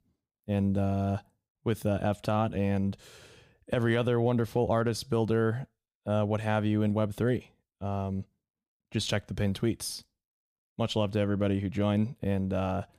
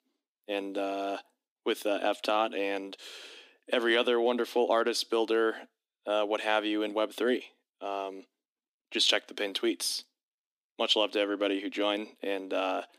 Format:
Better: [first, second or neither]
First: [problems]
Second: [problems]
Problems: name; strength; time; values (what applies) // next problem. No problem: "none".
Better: first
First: none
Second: thin; somewhat; fading below 250 Hz